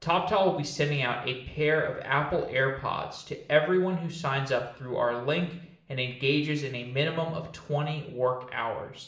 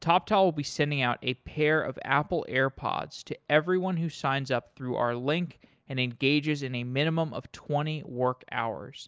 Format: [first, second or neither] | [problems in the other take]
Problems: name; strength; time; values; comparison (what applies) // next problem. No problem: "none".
second | room echo; dies away in 0.7 s